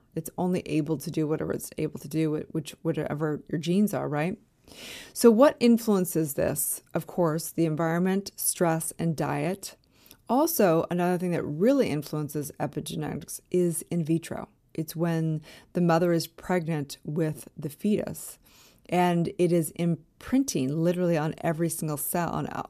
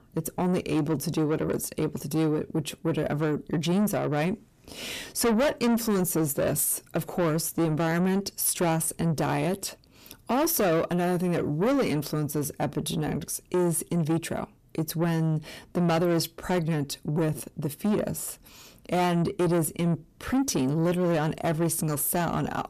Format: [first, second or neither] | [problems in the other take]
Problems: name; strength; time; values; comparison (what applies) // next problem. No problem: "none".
first | distortion; heavy; 7 dB below the speech